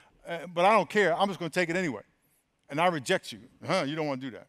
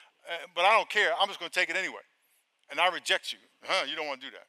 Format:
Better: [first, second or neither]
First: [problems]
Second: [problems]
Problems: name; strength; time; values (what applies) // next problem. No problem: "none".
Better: first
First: none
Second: thin; very; fading below 650 Hz